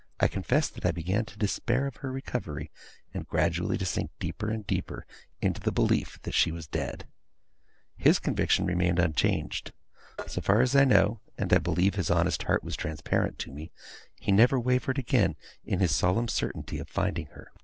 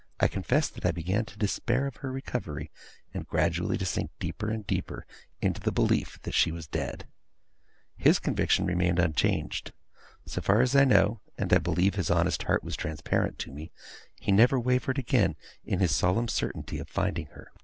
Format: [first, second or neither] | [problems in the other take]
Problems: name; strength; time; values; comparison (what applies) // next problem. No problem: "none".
second | noise reduction (neural separator model SepFormer DNS4)